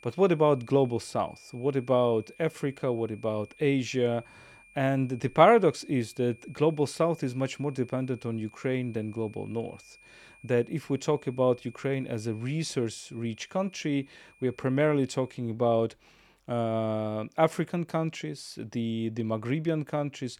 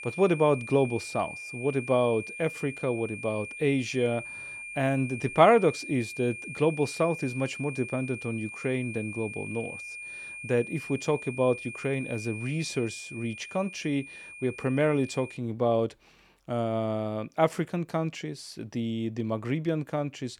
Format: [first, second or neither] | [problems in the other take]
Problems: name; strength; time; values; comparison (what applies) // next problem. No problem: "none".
first | high-pitched whine; loud; until 15 s; 2.5 kHz, 10 dB below the speech; faint in the first